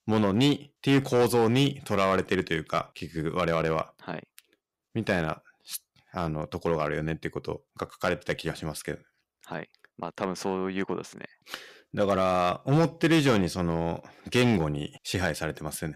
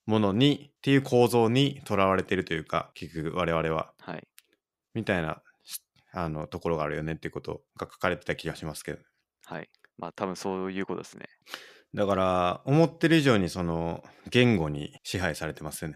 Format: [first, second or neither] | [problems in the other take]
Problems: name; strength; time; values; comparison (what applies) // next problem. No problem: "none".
second | distortion; slight; 3% of the sound clipped